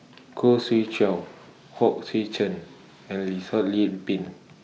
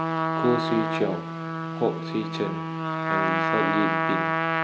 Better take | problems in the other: first | background sound (Trumpet); 3 dB above the speech

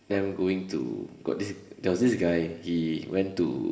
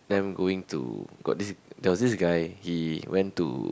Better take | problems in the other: second | room echo; dies away in 1.1 s

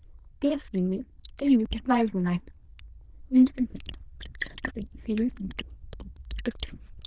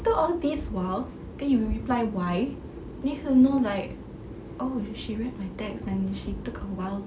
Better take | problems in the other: second | noise reduction (neural diffusion model UNIVERSE++)

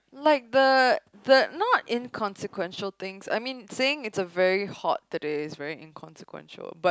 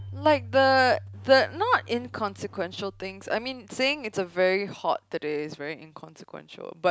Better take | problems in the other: first | background sound (Keyboard (musical)); 19 dB below the speech

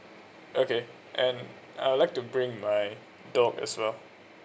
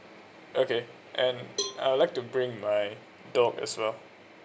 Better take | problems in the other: first | background sound (Cowbell); 12 dB below the speech

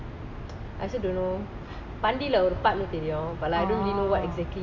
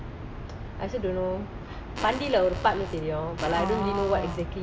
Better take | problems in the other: first | background sound (Fart); 13 dB below the speech

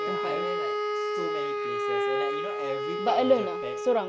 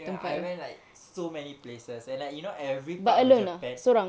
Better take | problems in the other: second | background sound (Wind instrument, woodwind instrument); 1 dB above the speech

